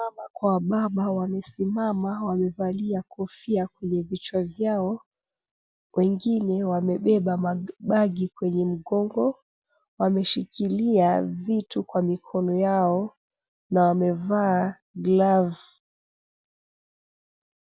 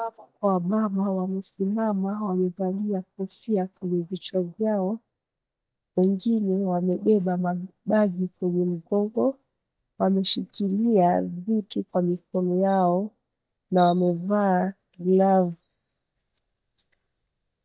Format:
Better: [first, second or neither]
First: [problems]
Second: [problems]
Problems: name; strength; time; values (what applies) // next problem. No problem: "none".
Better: first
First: none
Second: noise reduction (neural mask model DeepFilterNet 3)